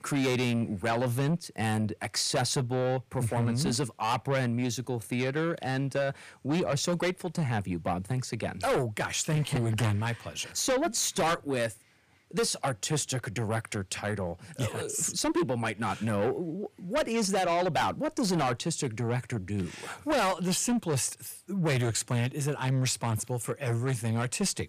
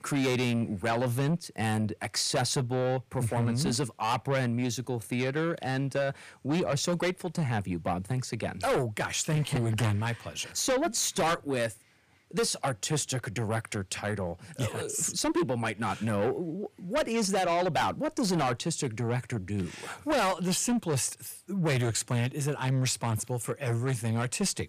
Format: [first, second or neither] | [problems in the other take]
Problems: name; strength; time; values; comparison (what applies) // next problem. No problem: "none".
neither | distortion; heavy; 6 dB below the speech; the same in both